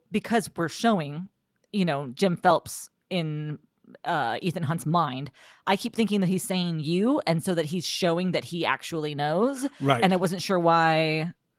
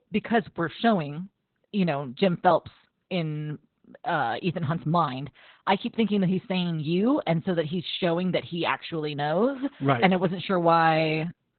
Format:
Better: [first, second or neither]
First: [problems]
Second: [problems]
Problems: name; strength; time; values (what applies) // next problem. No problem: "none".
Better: first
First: garbled, watery; slightly; nothing above 17.5 kHz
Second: garbled, watery; badly; nothing above 4 kHz